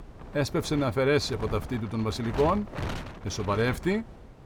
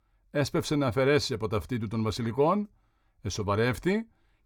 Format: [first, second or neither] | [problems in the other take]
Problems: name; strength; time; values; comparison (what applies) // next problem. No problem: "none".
second | wind noise on the microphone; occasional gusts; 10 dB below the speech